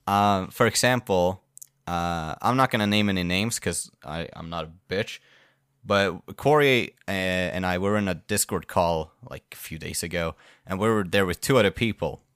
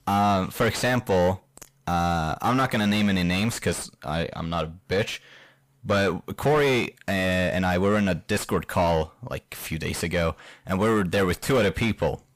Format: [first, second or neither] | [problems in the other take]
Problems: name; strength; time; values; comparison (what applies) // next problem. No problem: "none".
first | distortion; heavy; 6 dB below the speech